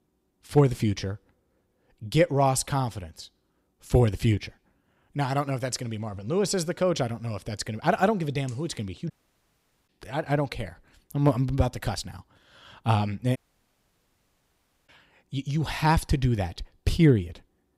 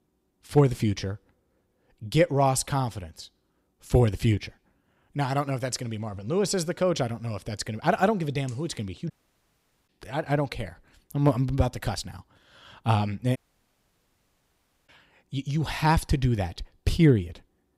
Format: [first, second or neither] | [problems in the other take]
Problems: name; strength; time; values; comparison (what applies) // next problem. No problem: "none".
neither | audio cutting out; at 9 s for 1 s and at 13 s for 1.5 s; the same in both